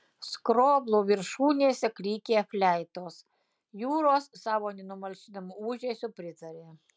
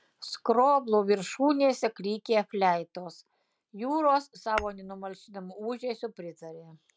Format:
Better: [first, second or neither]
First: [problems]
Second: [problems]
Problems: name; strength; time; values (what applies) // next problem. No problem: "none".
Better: first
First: none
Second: background sound (Tap / Glass); 14 dB below the speech